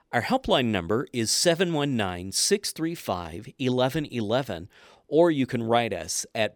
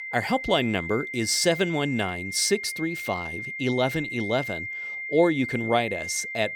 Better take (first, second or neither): first